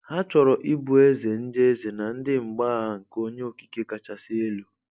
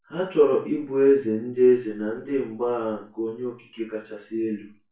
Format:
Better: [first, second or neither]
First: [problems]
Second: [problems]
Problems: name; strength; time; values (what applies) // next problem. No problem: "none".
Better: first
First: none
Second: room echo; dies away in 0.3 s